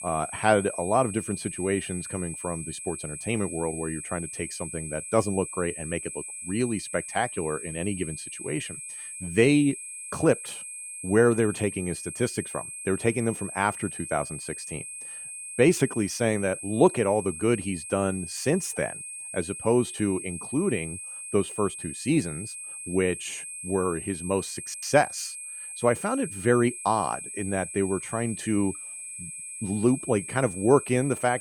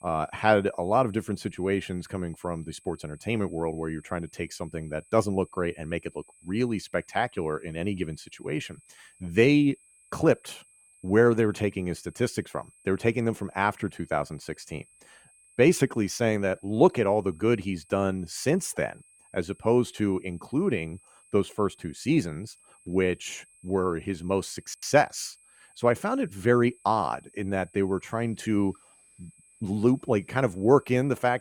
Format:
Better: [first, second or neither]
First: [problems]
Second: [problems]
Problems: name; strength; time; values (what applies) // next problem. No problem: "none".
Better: second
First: high-pitched whine; loud; throughout; 8 kHz, 8 dB below the speech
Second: high-pitched whine; faint; throughout; 8 kHz, 30 dB below the speech